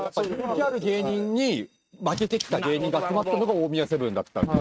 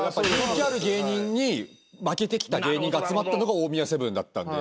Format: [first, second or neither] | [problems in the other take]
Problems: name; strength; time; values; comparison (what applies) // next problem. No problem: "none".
second | noise reduction (neural mask model RNNoise)